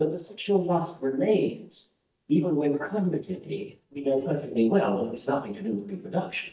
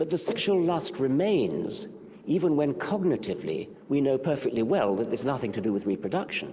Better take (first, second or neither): second